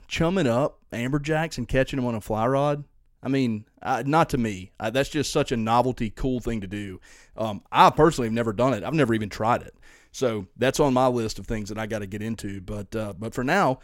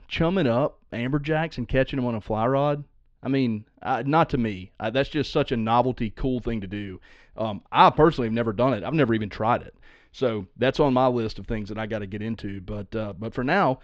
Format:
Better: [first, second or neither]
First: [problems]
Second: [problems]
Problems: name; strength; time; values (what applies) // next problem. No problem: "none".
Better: first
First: none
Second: muffled; very slightly; fading above 4 kHz